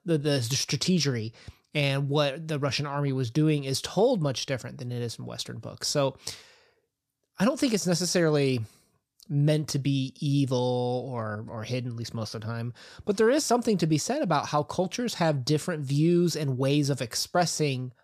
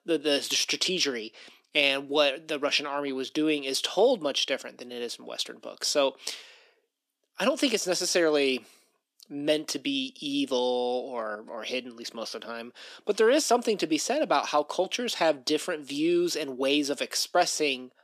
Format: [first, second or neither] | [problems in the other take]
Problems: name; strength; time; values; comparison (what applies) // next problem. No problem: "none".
first | thin; somewhat; fading below 250 Hz